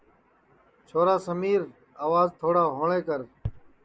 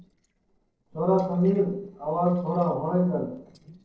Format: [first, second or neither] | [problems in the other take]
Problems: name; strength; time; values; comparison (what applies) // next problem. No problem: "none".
first | noise reduction (neural separator model SepFormer DNS4)